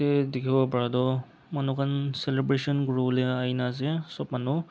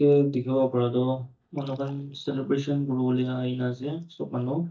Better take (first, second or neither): first